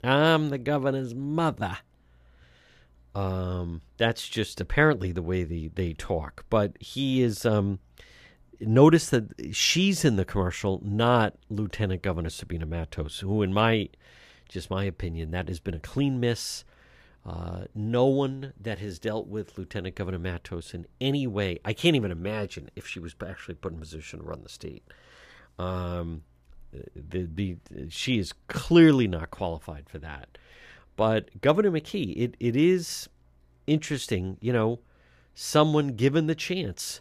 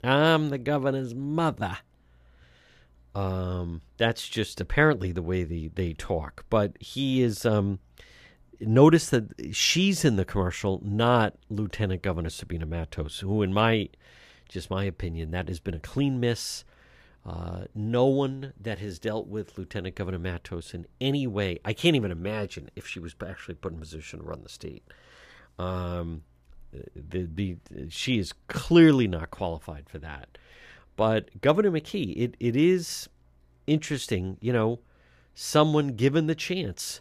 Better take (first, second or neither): neither